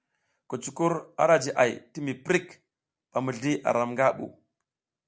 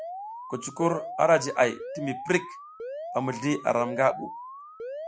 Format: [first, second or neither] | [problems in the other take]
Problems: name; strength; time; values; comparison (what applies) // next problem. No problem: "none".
first | noise reduction (classical method Wiener filter)